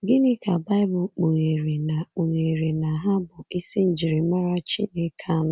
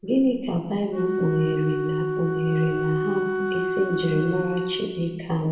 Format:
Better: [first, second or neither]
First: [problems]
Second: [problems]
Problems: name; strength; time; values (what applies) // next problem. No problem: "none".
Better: first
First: none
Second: background sound (Wind instrument, woodwind instrument); 3 dB below the speech // room echo; dies away in 1.1 s